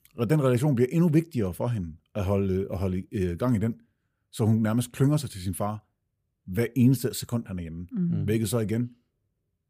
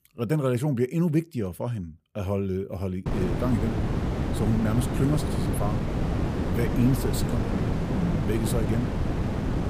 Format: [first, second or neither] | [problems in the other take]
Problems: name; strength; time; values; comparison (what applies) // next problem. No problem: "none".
first | wind noise on the microphone; heavy; from 3 s on; 1 dB below the speech